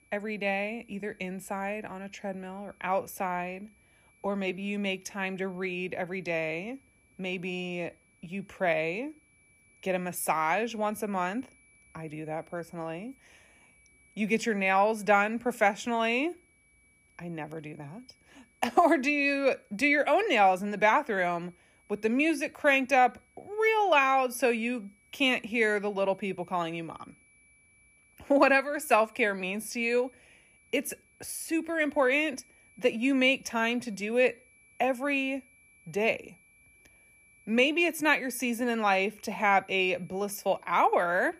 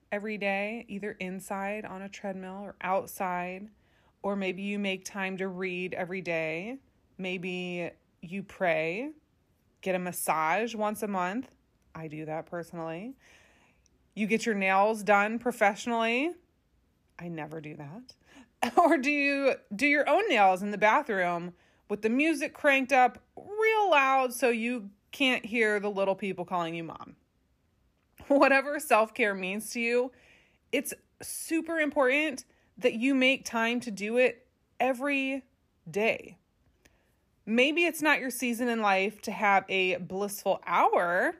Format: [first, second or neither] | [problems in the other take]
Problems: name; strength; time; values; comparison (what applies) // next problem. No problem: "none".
second | high-pitched whine; faint; throughout; 2.5 kHz, 35 dB below the speech